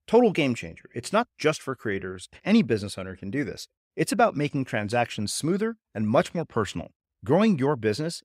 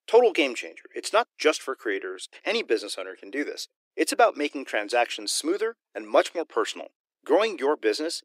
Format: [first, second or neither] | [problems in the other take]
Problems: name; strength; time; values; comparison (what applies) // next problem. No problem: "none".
first | thin; very; fading below 300 Hz